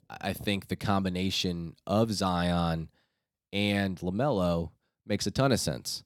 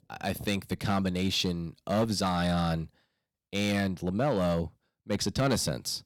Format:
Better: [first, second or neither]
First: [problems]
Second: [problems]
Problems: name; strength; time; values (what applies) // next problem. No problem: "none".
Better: first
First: none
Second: distortion; slight; 4% of the sound clipped